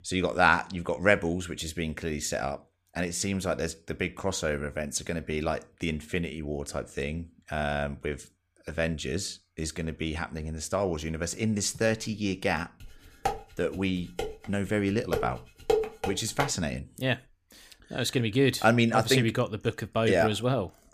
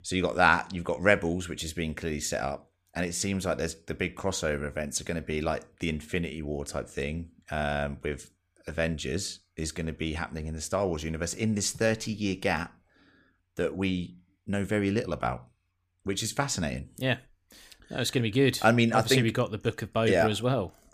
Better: second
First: clattering dishes; loud; from 13 to 16 s; peak 1 dB above the speech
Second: none

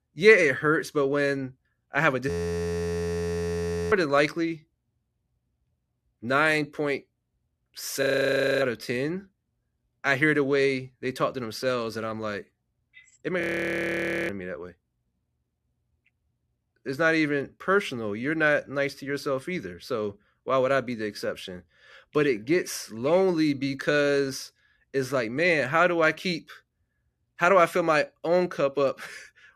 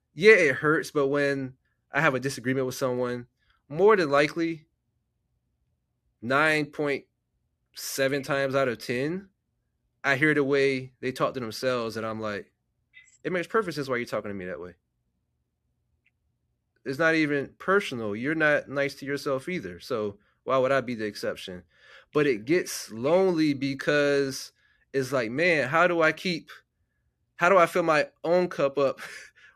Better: second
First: audio freezing; at 2.5 s for 1.5 s, at 8 s for 0.5 s and at 13 s for 1 s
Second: none

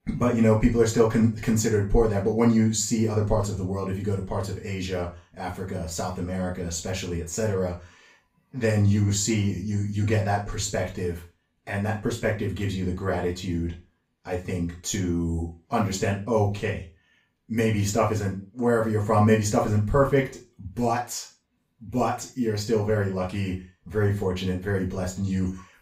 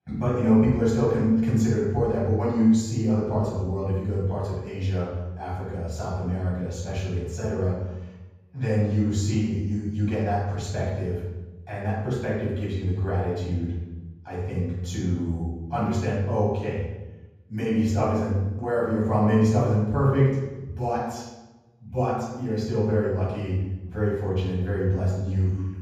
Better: first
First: room echo; slight; dies away in 0.3 s // off-mic speech; far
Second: room echo; strong; dies away in 1.3 s // off-mic speech; far

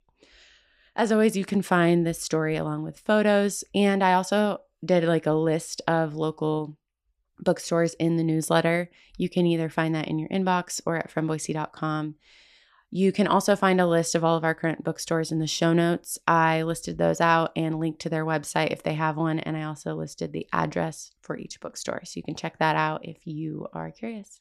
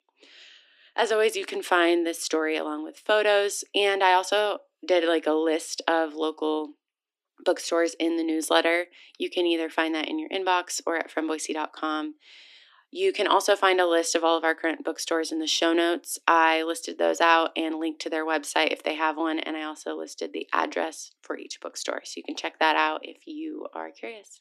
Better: first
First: none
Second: thin; very; fading below 250 Hz

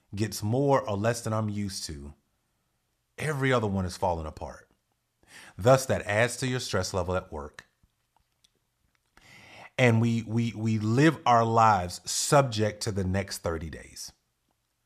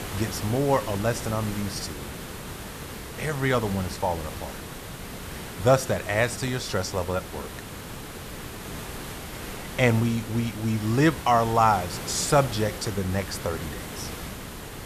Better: first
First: none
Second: hiss; noticeable; throughout; 10 dB below the speech

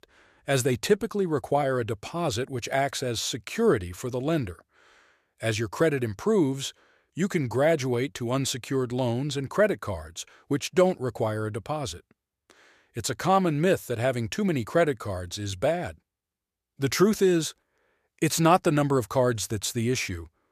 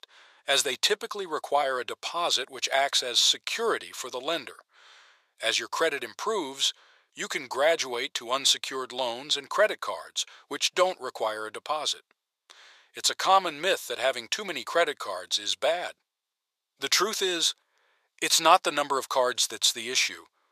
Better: first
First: none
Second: thin; very; fading below 650 Hz

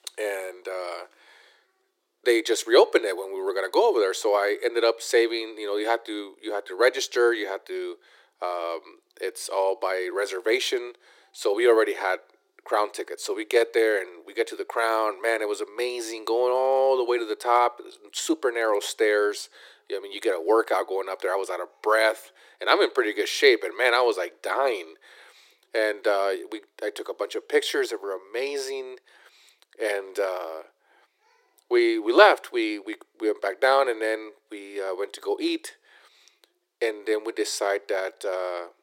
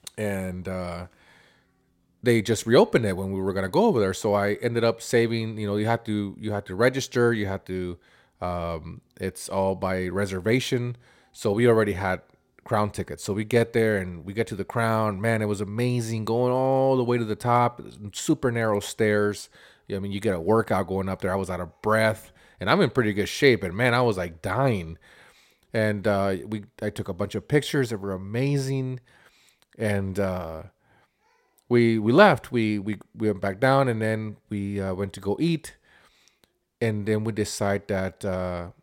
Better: second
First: thin; very; fading below 350 Hz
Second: none

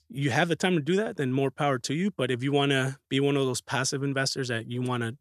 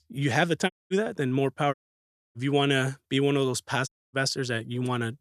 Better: first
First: none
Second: audio cutting out; at 0.5 s, at 1.5 s for 0.5 s and at 4 s

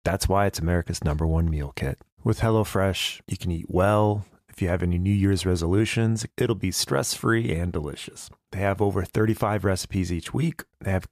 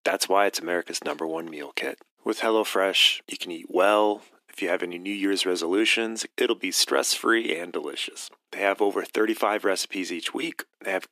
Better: first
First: none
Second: thin; somewhat; fading below 250 Hz

